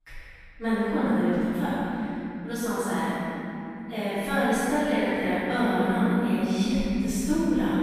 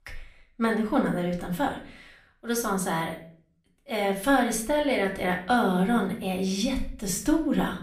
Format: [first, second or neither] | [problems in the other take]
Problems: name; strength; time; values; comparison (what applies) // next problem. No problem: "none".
second | room echo; strong; dies away in 3 s; slight in the second // off-mic speech; far; somewhat distant in the second